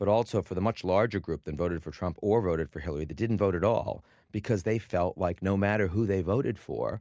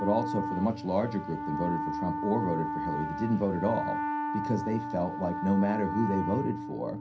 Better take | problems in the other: first | background sound (Wind instrument, woodwind instrument); 4 dB below the speech // room echo; dies away in 0.3 s

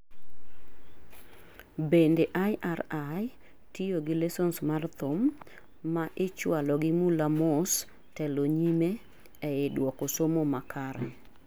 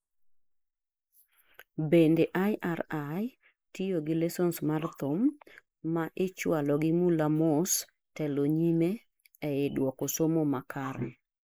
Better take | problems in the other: first | noise reduction (neural mask model Resemble Enhance denoiser)

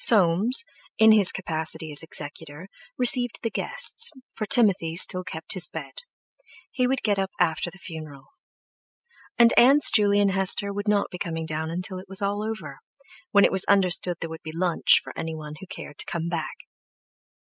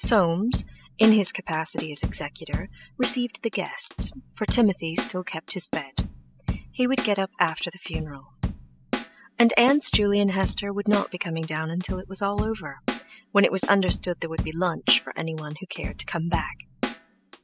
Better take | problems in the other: first | background sound (Drum / Drum kit); 7 dB below the speech

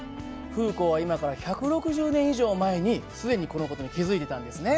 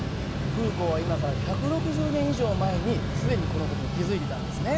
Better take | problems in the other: first | background sound (Mechanical fan); 2 dB above the speech

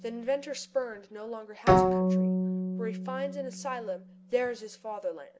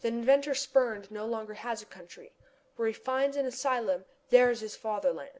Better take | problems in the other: second | background sound (Bowed string instrument); 5 dB above the speech

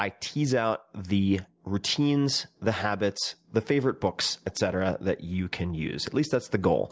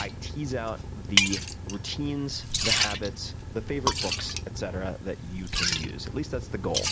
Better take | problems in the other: first | background sound (Liquid); 3 dB above the speech

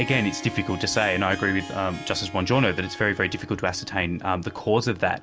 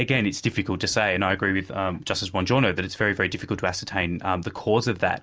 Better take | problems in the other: second | background sound (Harp); 14 dB below the speech

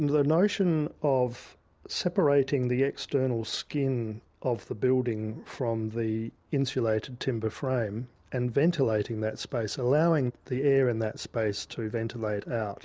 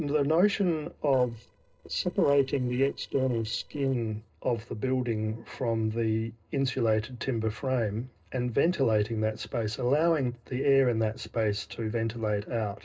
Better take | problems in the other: first | noise reduction (neural separator model SepFormer DNS4)

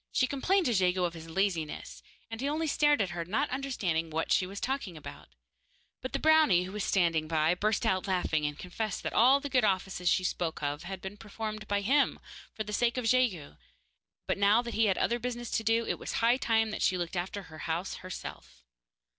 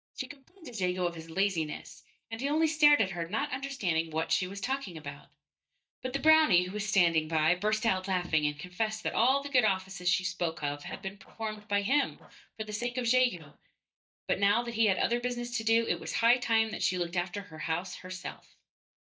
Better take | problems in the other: first | noise reduction (neural mask model DeepFilterNet 3)

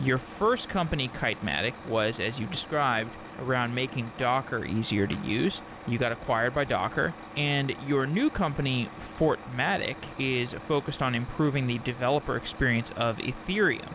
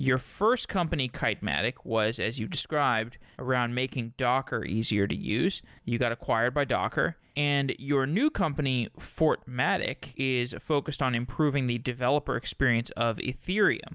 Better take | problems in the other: second | background sound (Truck); 15 dB below the speech

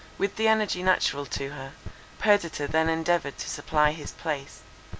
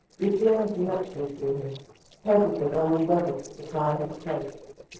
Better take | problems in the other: first | noise reduction (neural separator model SepFormer DNS4)

